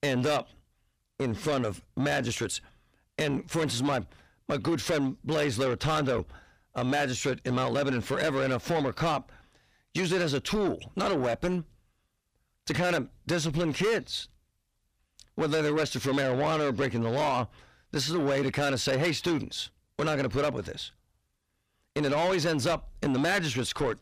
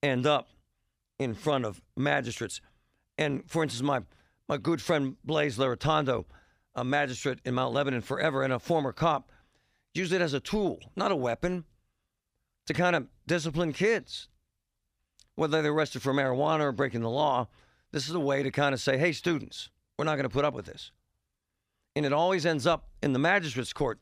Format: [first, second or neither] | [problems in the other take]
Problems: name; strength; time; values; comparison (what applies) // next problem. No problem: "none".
second | distortion; heavy; 6 dB below the speech